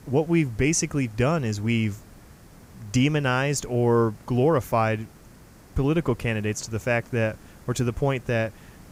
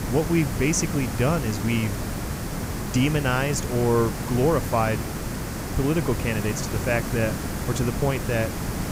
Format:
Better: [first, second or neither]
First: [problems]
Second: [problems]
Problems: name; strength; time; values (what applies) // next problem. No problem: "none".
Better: first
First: hiss; faint; throughout; 25 dB below the speech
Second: hiss; loud; throughout; 5 dB below the speech